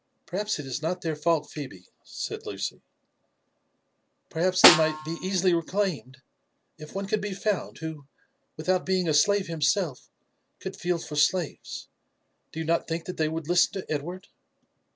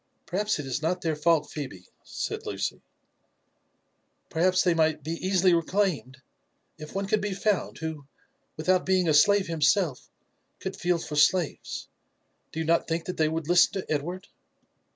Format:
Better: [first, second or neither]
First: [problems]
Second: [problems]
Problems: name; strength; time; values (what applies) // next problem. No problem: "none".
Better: second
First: background sound (Snare drum); 3 dB above the speech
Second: none